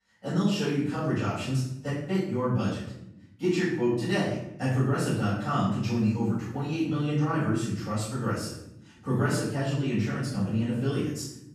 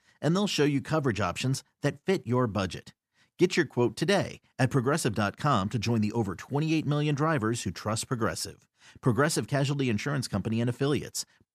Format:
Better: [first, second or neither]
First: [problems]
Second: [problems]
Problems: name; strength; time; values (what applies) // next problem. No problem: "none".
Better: second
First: room echo; strong; dies away in 0.7 s // off-mic speech; far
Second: none